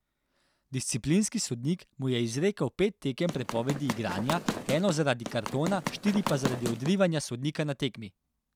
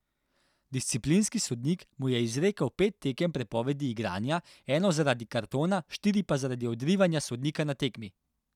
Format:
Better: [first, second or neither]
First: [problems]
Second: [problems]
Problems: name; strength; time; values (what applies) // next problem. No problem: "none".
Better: second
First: background sound (Run); 6 dB below the speech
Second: none